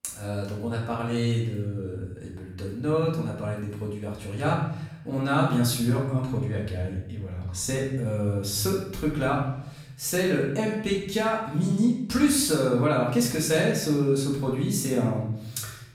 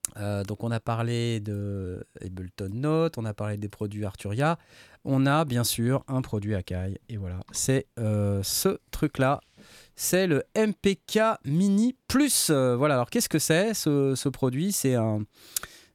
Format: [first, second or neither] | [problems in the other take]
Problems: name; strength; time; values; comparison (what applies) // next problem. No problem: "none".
second | room echo; noticeable; dies away in 0.8 s // off-mic speech; far